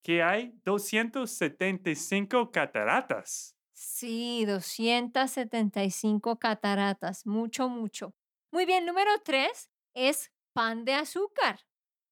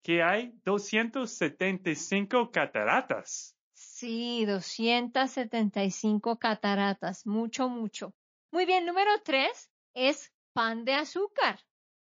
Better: first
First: none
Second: garbled, watery; slightly; nothing above 6.5 kHz

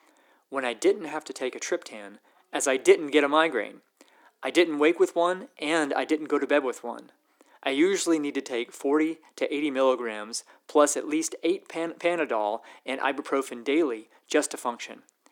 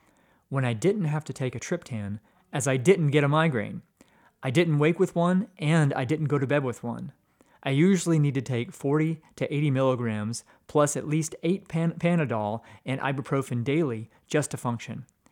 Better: second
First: thin; somewhat; fading below 300 Hz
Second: none

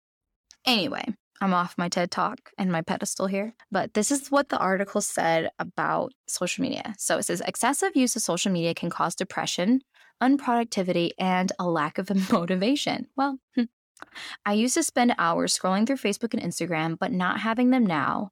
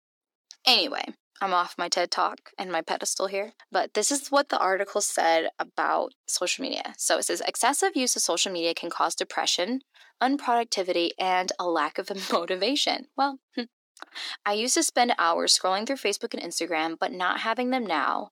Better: first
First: none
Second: thin; somewhat; fading below 350 Hz

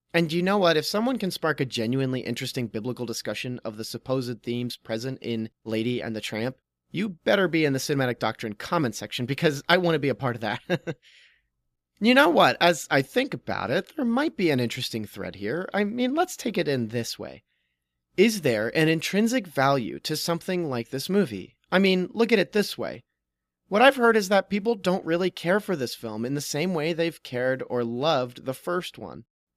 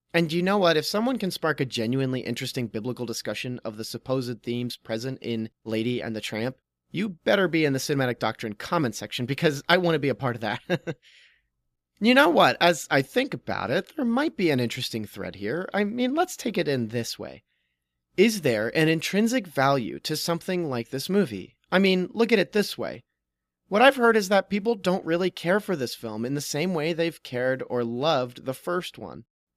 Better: neither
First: none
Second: none

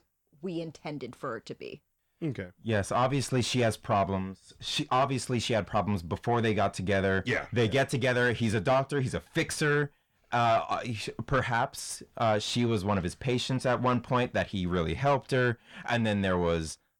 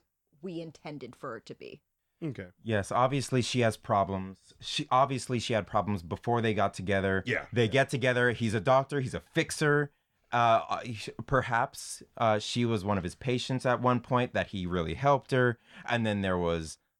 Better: second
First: distortion; slight; 10 dB below the speech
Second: none

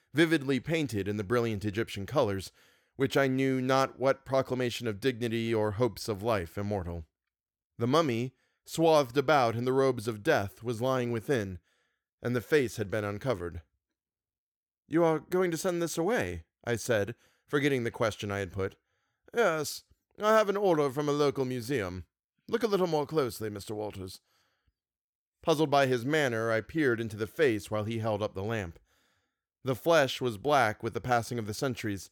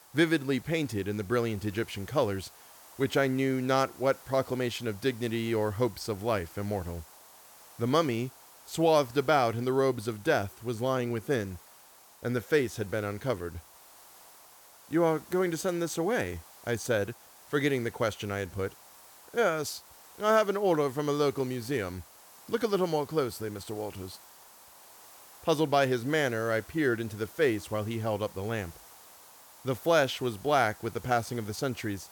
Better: first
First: none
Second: hiss; faint; throughout; 20 dB below the speech

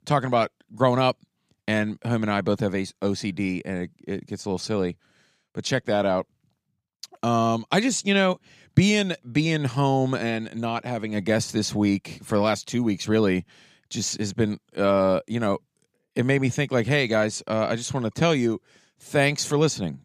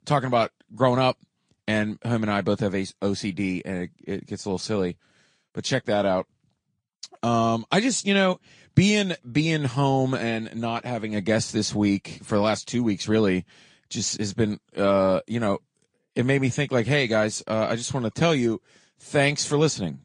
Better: first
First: none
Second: garbled, watery; slightly; nothing above 8.5 kHz

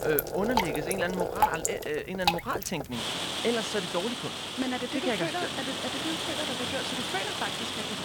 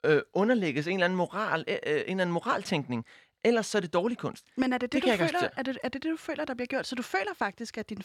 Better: second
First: rain or running water; very loud; throughout; 2 dB above the speech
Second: none

